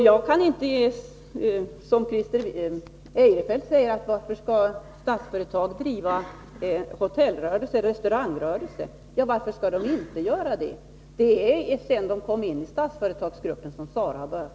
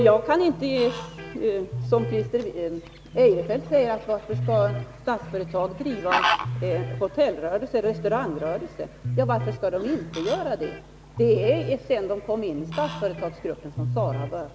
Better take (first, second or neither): first